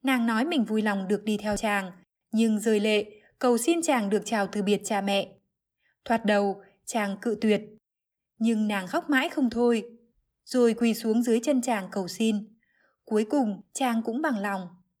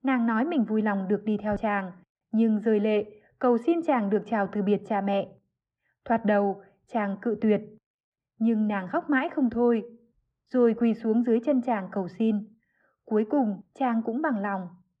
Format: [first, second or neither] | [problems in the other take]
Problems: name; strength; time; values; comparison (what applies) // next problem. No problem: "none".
first | muffled; very; fading above 1.5 kHz